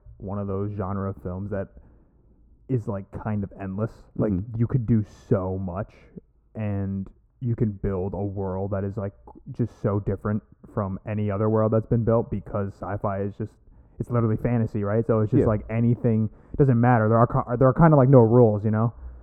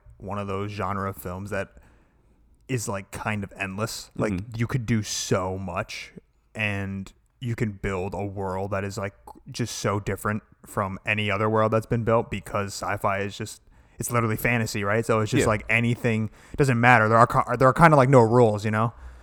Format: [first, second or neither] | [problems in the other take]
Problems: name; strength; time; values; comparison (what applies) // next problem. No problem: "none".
second | muffled; very; fading above 1.5 kHz